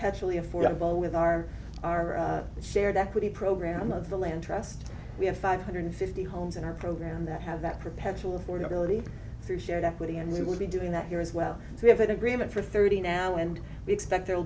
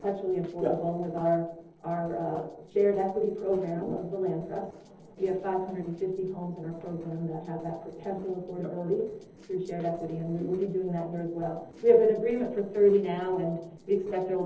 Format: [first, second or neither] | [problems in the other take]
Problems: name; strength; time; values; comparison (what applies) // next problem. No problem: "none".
first | noise reduction (neural separator model SepFormer DNS4)